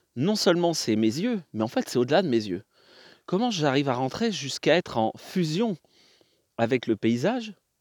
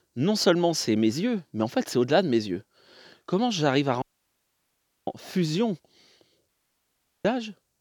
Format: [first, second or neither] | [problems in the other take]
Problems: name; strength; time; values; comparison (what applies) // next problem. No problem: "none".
first | audio cutting out; at 4 s for 1 s and at 6.5 s for 1 s